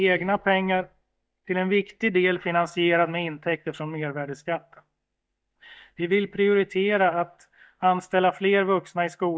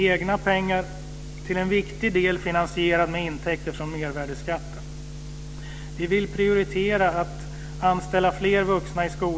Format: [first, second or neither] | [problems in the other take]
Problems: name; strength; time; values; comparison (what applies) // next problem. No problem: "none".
second | noise reduction (neural mask model DeepFilterNet 3)